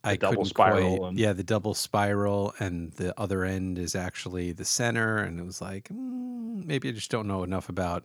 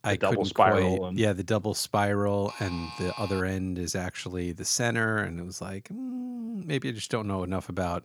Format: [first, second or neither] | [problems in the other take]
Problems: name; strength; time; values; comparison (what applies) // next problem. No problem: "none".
first | alarm; faint; at 2.5 s; peak 10 dB below the speech